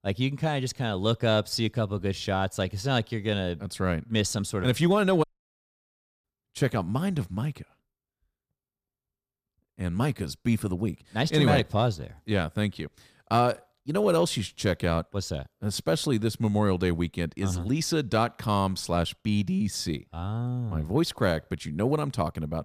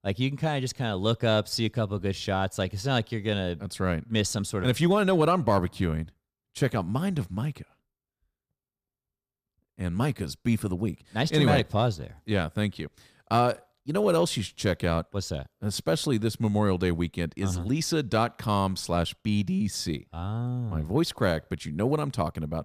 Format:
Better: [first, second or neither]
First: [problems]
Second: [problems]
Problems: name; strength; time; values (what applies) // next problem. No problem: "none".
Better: second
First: audio cutting out; at 5 s for 1 s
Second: none